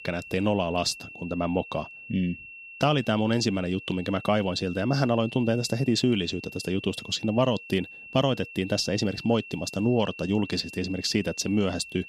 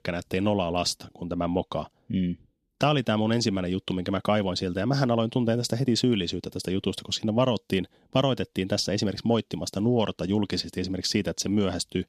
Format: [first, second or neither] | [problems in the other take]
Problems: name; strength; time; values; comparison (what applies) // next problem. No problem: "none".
second | high-pitched whine; noticeable; throughout; 2.5 kHz, 15 dB below the speech